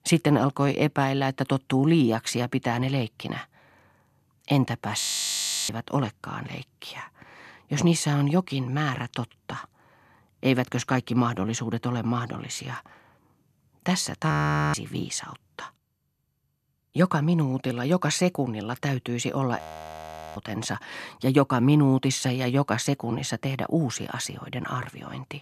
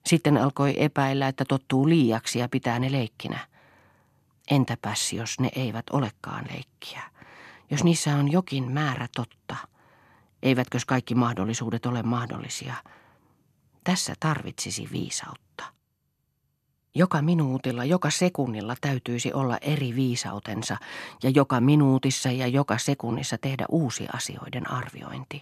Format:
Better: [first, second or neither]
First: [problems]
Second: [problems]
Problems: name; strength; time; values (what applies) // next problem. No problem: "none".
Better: second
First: audio freezing; at 5 s for 0.5 s, at 14 s and at 20 s for 1 s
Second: none